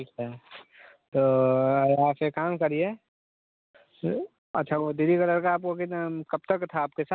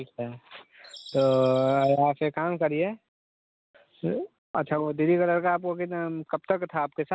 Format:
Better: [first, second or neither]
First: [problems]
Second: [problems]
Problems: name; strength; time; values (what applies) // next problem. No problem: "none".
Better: first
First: none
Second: background sound (Bird vocalization, bird call, bird song); 19 dB below the speech